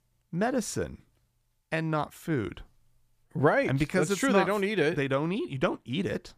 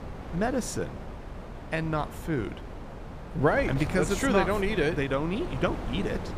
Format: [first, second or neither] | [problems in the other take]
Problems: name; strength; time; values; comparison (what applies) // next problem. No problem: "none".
first | wind noise on the microphone; occasional gusts; 10 dB below the speech